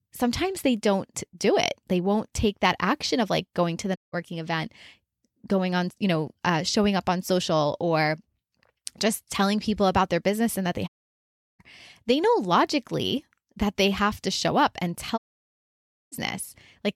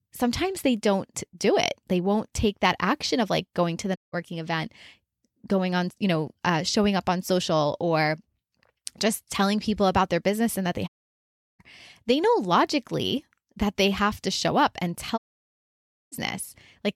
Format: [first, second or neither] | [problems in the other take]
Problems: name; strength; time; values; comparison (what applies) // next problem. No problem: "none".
neither | audio cutting out; at 4 s, at 11 s for 0.5 s and at 15 s for 1 s; the same in both